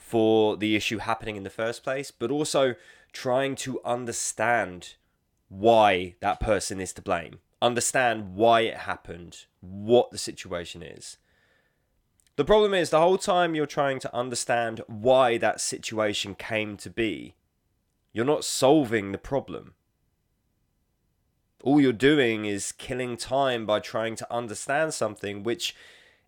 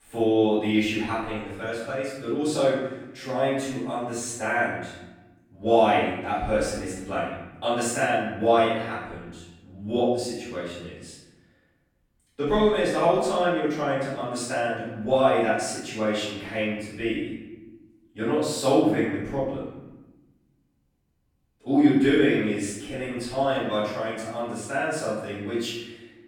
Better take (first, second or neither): first